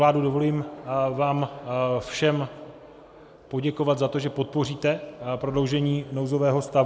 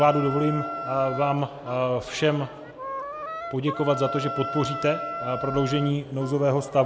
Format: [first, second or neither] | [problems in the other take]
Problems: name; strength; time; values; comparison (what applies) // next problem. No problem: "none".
first | background sound (Wind instrument, woodwind instrument); 9 dB below the speech